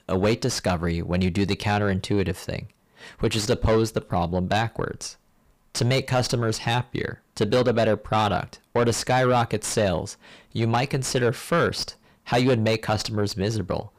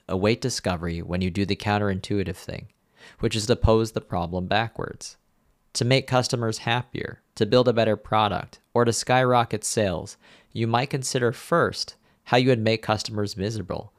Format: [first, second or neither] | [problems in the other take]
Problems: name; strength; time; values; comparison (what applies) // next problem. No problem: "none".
second | distortion; heavy; 7 dB below the speech